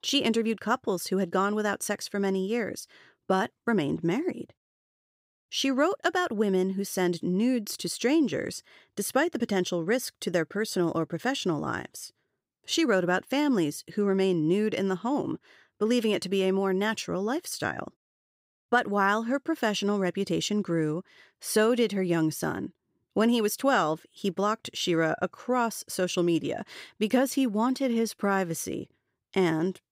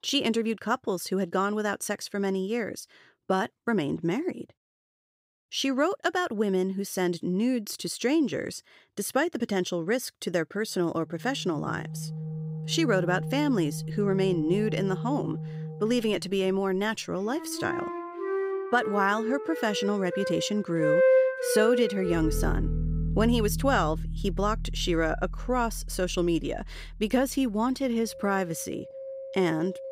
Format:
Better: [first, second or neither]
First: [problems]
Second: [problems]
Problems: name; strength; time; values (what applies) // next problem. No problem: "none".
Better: first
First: none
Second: background music; loud; from 11 s on; 4 dB below the speech